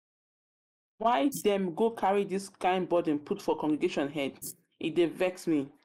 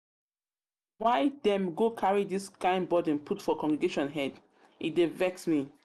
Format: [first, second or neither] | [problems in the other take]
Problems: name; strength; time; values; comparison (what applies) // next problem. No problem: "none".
second | noise reduction (neural mask model Resemble Enhance denoiser)